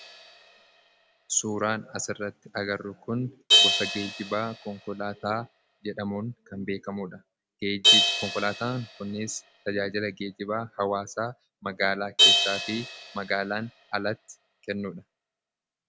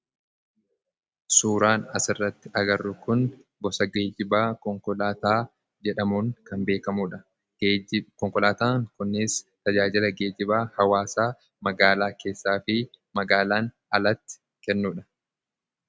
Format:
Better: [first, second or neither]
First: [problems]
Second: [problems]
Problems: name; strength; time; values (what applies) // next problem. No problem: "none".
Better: second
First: background sound (Crash cymbal); 2 dB above the speech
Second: none